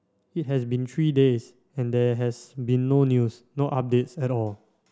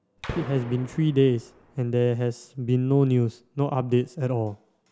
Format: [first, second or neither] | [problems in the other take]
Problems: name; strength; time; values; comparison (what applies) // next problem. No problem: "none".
first | background sound (Gunshot, gunfire); 14 dB below the speech